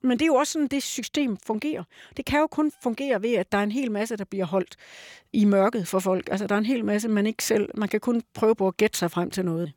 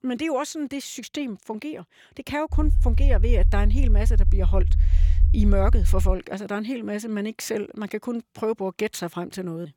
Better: first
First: none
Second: low rumble; noticeable; from 2.5 to 6 s; 15 dB below the speech

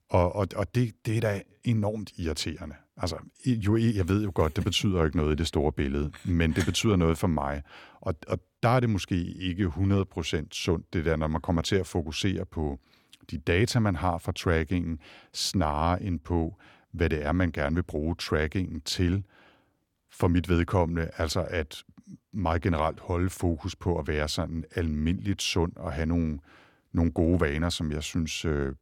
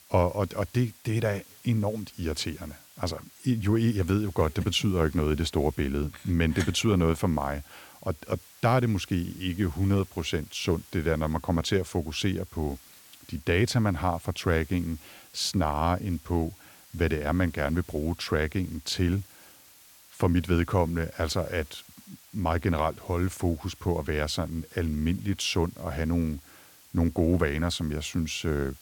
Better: first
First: none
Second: hiss; faint; throughout; 20 dB below the speech

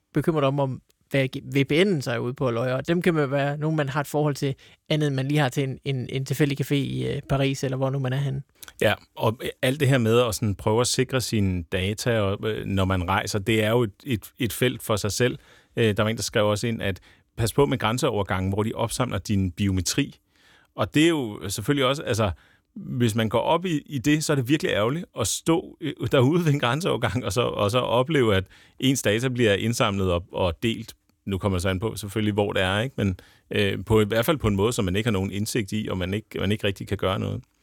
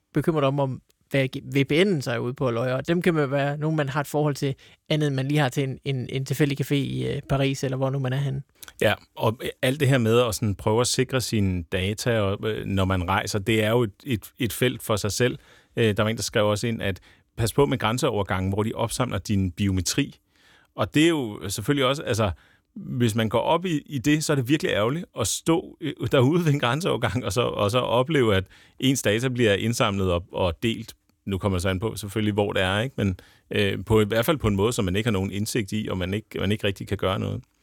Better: neither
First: none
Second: none

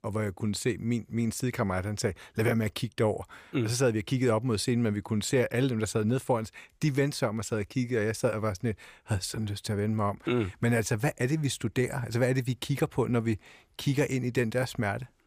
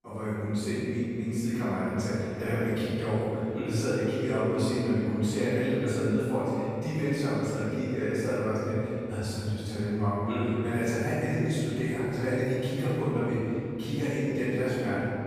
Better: first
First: none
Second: off-mic speech; far // room echo; strong; dies away in 3 s

